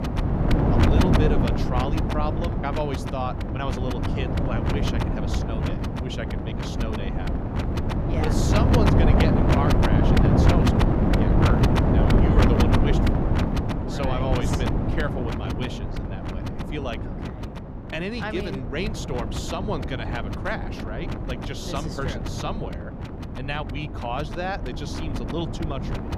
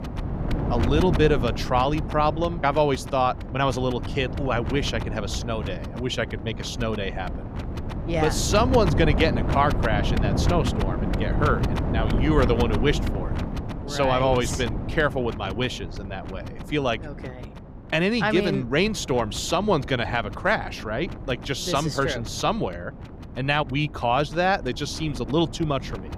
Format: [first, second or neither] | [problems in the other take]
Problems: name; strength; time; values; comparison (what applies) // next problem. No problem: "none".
second | wind noise on the microphone; heavy; 2 dB above the speech; occasional gusts in the second